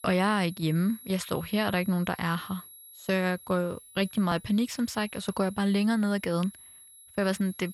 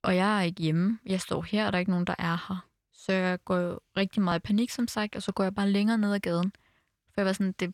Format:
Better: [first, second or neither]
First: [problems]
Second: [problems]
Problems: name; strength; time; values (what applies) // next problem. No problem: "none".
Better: second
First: high-pitched whine; noticeable; throughout; 11.5 kHz, 20 dB below the speech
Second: none